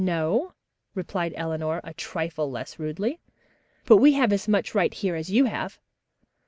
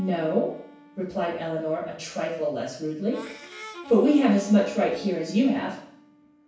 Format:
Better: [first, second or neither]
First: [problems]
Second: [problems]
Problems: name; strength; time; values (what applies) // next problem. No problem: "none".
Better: first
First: none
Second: background sound (Harmonica); 20 dB below the speech // room echo; dies away in 0.7 s